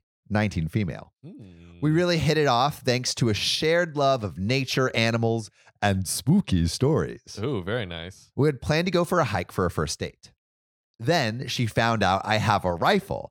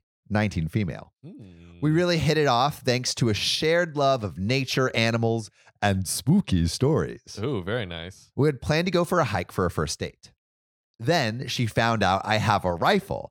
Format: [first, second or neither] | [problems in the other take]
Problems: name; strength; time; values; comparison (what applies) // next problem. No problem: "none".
neither | none